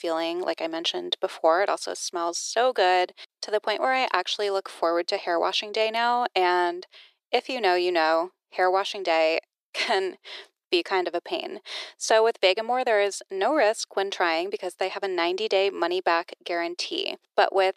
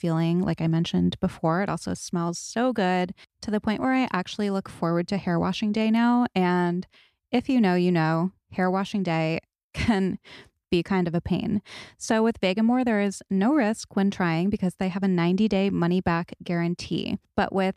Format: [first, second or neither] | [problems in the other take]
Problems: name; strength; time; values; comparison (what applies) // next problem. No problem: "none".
second | thin; very; fading below 350 Hz